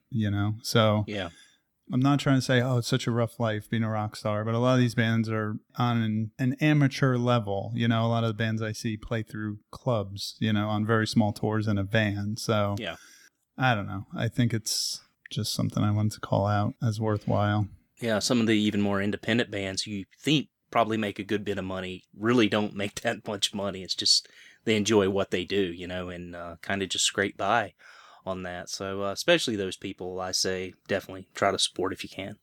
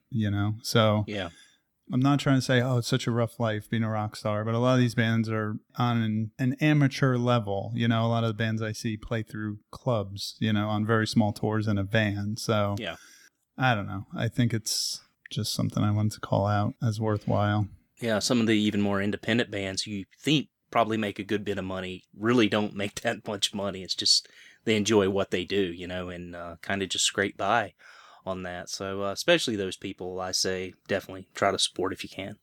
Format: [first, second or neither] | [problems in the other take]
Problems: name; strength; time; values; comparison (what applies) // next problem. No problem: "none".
neither | none